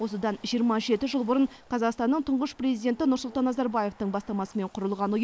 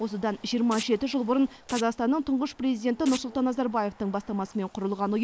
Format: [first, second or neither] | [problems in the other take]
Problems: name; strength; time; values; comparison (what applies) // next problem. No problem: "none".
first | background sound (Domestic sounds, home sounds); 17 dB below the speech